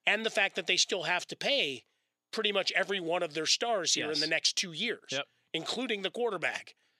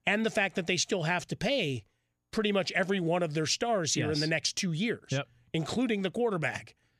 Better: second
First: thin; somewhat; fading below 350 Hz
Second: none

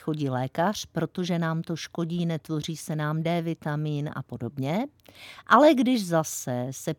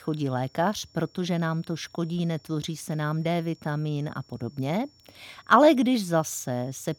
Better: first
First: none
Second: high-pitched whine; faint; throughout; 5.5 kHz, 30 dB below the speech

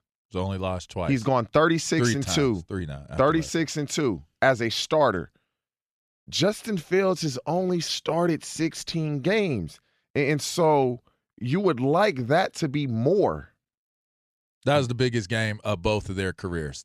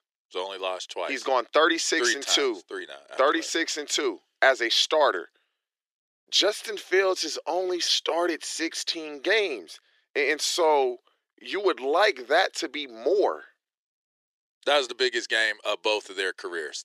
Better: first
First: none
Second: thin; very; fading below 350 Hz

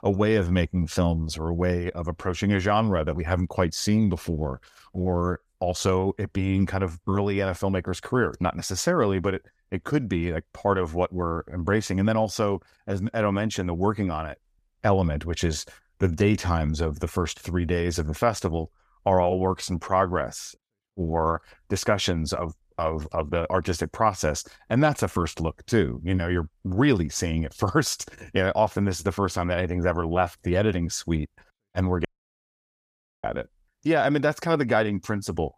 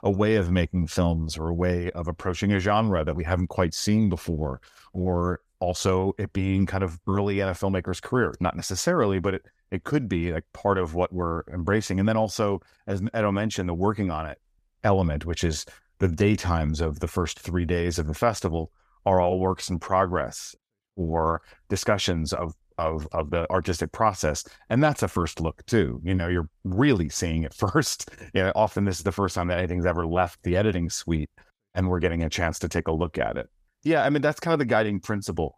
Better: second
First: audio cutting out; at 32 s for 1 s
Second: none

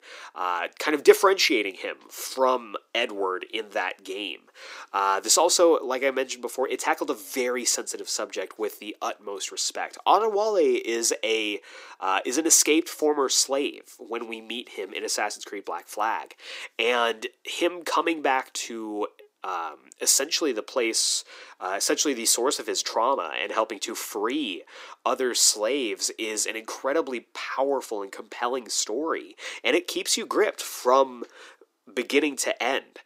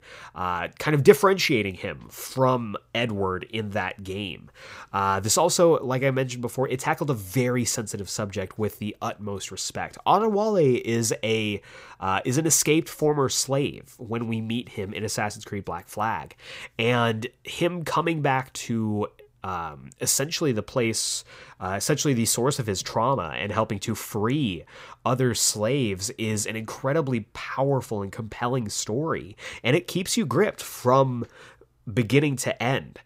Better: second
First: thin; somewhat; fading below 300 Hz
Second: none

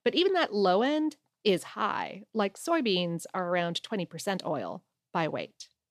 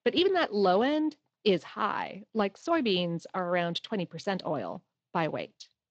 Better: first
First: none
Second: garbled, watery; slightly; nothing above 7.5 kHz

